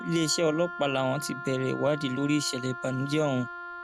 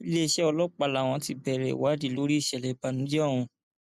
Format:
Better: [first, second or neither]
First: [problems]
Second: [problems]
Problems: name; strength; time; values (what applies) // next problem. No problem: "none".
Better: second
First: background sound (Wind instrument, woodwind instrument); 11 dB below the speech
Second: none